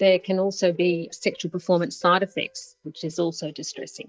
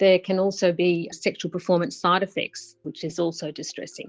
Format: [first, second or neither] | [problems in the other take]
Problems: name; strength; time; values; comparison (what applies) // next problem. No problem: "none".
second | noise reduction (neural mask model DeepFilterNet 3)